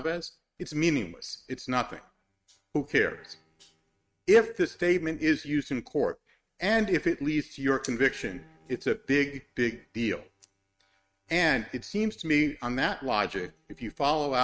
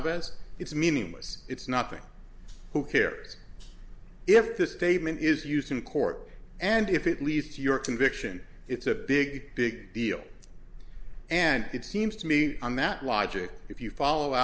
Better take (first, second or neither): second